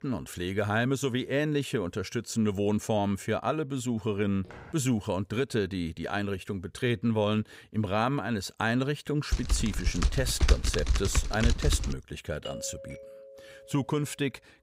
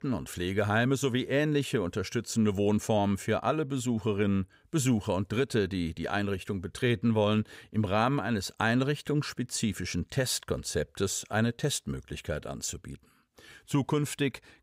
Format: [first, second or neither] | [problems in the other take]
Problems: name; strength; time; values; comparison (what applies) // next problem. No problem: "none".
second | footsteps; faint; at 4.5 s; peak 15 dB below the speech // keyboard typing; loud; from 9.5 to 12 s; peak 3 dB above the speech // doorbell; faint; from 12 to 14 s; peak 10 dB below the speech